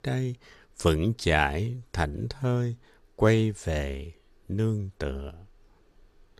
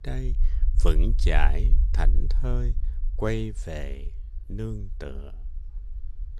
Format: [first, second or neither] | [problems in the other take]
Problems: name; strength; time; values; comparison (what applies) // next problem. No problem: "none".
first | low rumble; noticeable; throughout; 15 dB below the speech